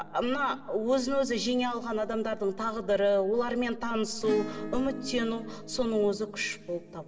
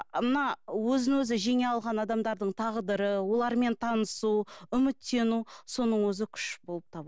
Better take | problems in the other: second | background sound (Acoustic guitar / Strum); 15 dB below the speech // room echo; dies away in 2.3 s

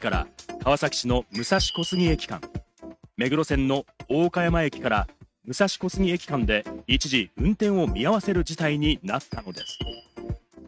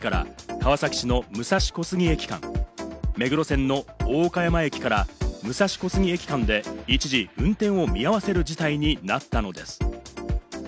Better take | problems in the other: second | noise reduction (neural mask model RNNoise)

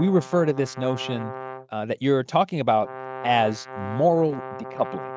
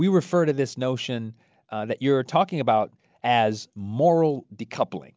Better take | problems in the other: second | noise reduction (neural mask model RNNoise)

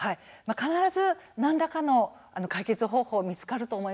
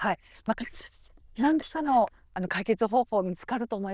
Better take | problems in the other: first | noise reduction (neural diffusion model UNIVERSE++)

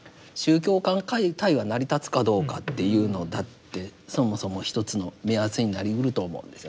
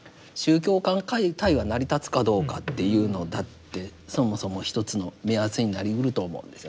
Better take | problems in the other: first | background sound (Bowed string instrument); 17 dB below the speech

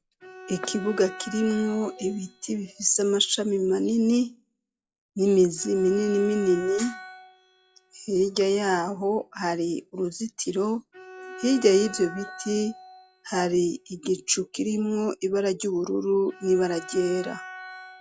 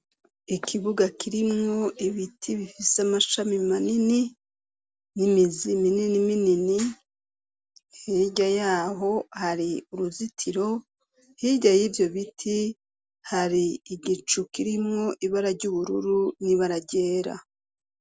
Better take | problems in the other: second | noise reduction (classical method log-MMSE)

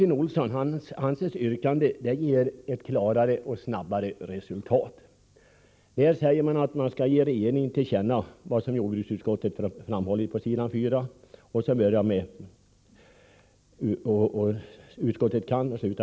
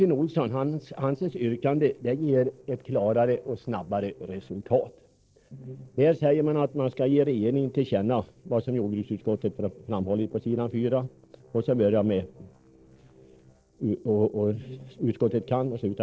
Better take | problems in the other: first | noise reduction (neural separator model SepFormer DNS4)

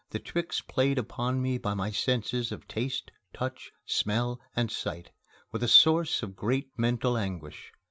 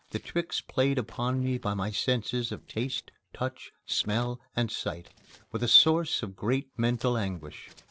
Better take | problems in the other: first | noise reduction (neural separator model SepFormer DNS4)

